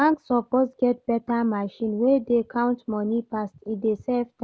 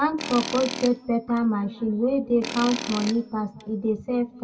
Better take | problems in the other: first | background sound (Tools); 10 dB below the speech // room echo; dies away in 1.5 s

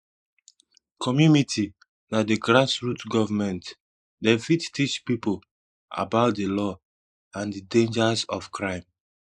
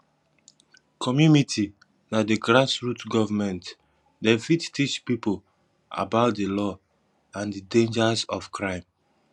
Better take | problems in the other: second | noise reduction (neural mask model Resemble Enhance denoiser)

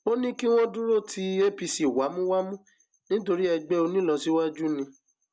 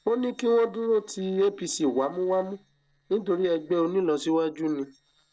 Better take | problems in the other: first | noise reduction (neural separator model SepFormer DNS4)

